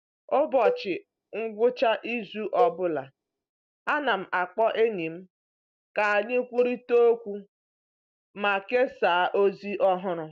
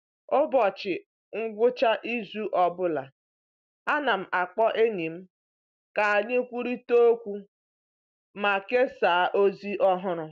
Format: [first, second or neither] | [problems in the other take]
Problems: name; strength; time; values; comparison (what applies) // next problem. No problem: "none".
second | background sound (Cowbell); 8 dB below the speech